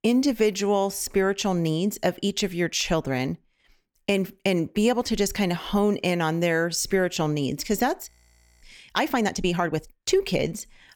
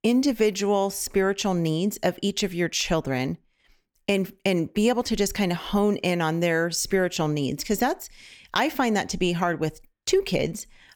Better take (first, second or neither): second